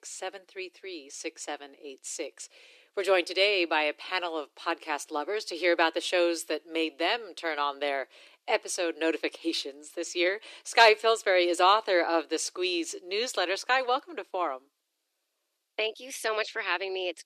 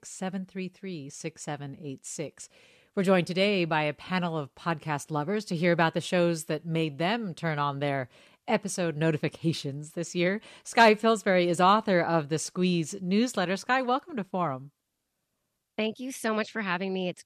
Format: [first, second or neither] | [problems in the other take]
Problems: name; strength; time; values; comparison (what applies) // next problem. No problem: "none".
second | thin; very; fading below 300 Hz